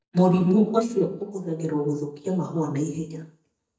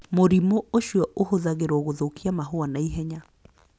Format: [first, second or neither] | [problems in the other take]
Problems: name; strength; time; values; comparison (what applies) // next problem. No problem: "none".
second | noise reduction (neural mask model DeepFilterNet 3)